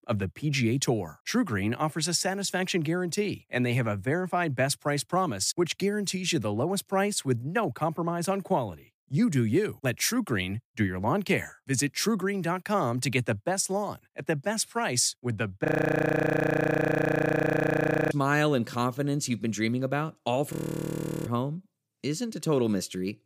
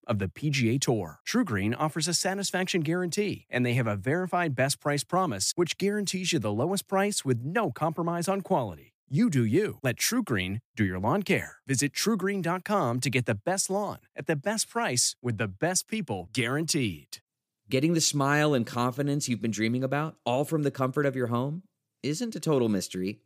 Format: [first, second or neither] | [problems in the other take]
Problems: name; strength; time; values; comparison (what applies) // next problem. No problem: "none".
second | audio freezing; at 16 s for 2.5 s and at 21 s for 0.5 s